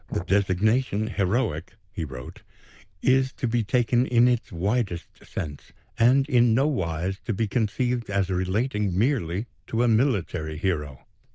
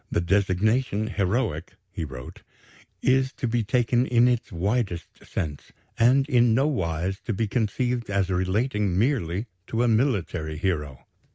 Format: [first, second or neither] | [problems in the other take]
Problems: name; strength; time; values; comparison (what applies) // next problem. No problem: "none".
second | noise reduction (neural diffusion model UNIVERSE++)